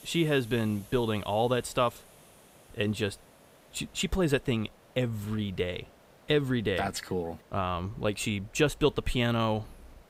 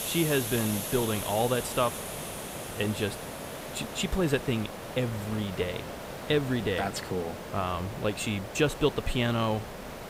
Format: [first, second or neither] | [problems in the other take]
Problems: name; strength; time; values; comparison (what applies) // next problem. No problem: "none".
first | hiss; loud; throughout; 7 dB below the speech; faint in the first